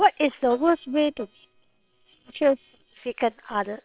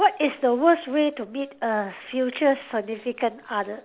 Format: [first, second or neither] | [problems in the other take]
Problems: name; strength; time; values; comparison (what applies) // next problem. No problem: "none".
second | noise reduction (neural separator model SepFormer WHAM!)